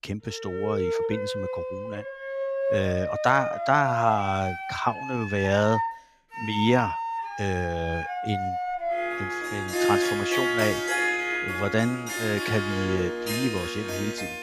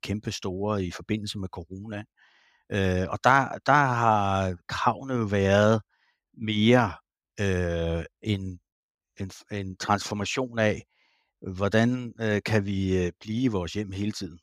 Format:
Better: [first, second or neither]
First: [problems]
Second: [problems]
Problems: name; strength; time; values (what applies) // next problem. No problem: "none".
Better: second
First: background music; loud; throughout; 1 dB below the speech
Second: none